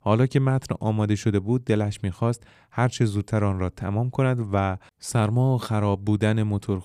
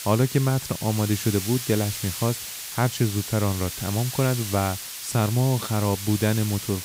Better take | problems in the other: first | hiss; loud; throughout; 6 dB below the speech

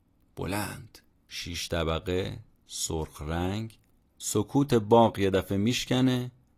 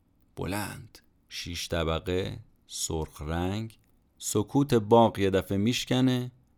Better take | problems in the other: second | garbled, watery; slightly

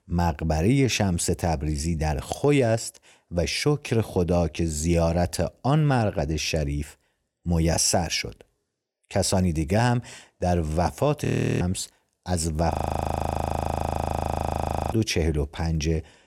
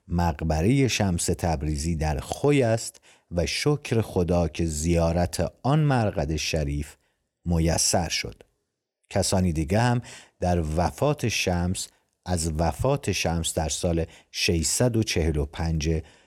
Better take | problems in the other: second | audio freezing; at 11 s and at 13 s for 2 s

